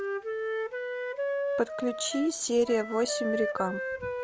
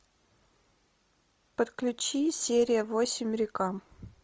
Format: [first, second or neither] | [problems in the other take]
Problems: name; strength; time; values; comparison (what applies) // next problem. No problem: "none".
second | background sound (Wind instrument, woodwind instrument); 2 dB below the speech